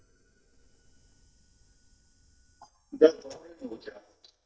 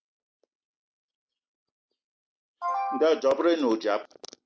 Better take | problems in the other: second | noise reduction (neural mask model DeepFilterNet 3)

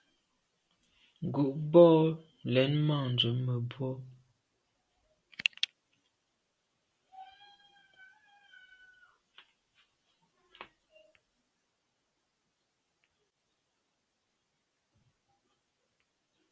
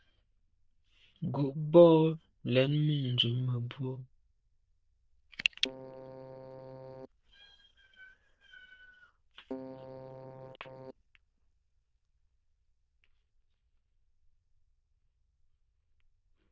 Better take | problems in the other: first | noise reduction (neural diffusion model UNIVERSE++)

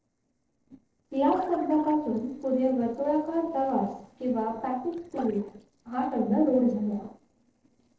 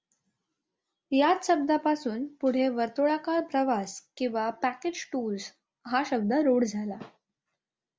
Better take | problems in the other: second | noise reduction (neural separator model SepFormer DNS4)

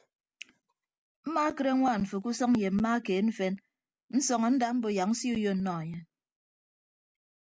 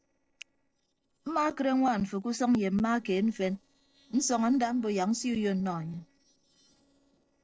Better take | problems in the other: first | noise reduction (neural separator model SepFormer DNS4)

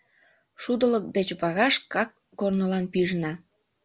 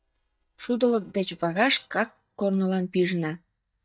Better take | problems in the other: first | noise reduction (neural mask model DeepFilterNet 3)

